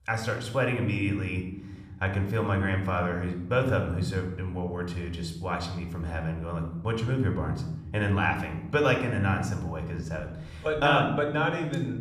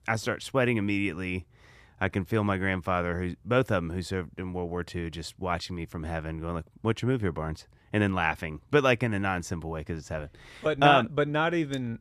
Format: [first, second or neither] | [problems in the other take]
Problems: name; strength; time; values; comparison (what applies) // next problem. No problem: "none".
second | room echo; slight; dies away in 1.2 s